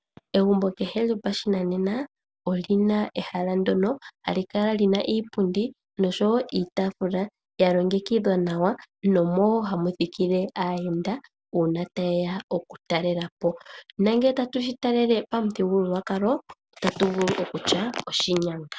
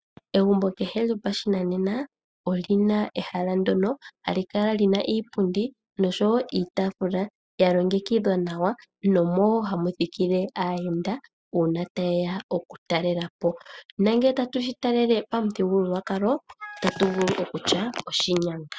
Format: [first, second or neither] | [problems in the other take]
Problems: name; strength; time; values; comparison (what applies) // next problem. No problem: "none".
first | noise reduction (classical method spectral subtraction)